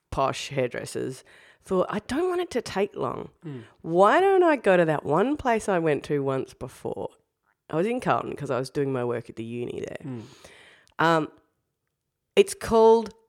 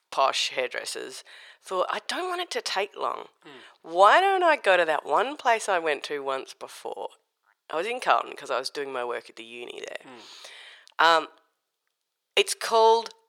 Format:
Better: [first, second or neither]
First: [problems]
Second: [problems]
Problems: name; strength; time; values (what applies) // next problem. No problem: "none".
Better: first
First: none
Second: thin; very; fading below 750 Hz